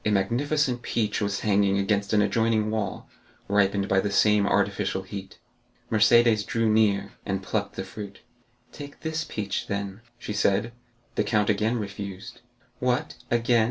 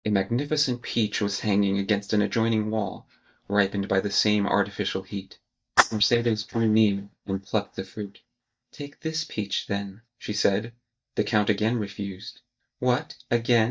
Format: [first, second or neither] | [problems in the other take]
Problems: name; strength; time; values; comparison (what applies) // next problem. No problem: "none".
first | noise reduction (neural mask model DeepFilterNet 3)